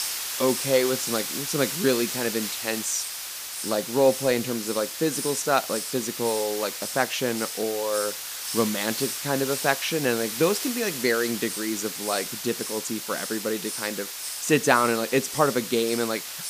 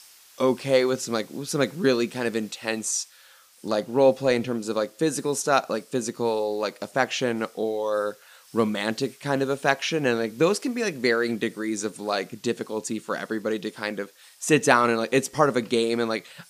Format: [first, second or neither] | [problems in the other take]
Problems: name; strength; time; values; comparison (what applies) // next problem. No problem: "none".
second | hiss; loud; throughout; 4 dB below the speech; faint in the second